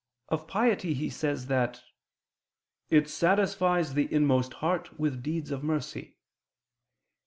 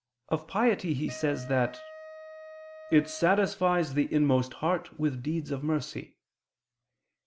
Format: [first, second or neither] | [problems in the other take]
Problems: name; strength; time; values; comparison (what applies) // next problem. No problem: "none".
first | background sound (Wind instrument, woodwind instrument); 17 dB below the speech